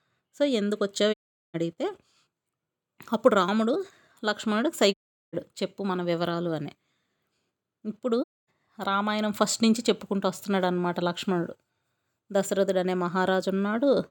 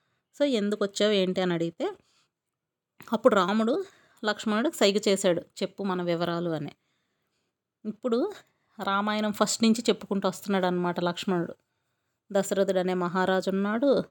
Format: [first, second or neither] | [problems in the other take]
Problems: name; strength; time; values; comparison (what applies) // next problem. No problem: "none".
second | audio cutting out; at 1 s, at 5 s and at 8 s